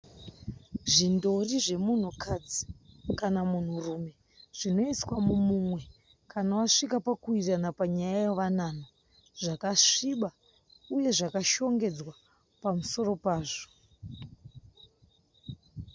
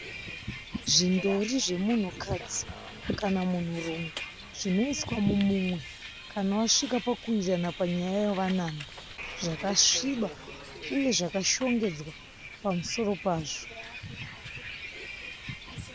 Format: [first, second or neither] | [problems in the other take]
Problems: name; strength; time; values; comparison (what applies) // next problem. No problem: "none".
first | background sound (Bus); 12 dB below the speech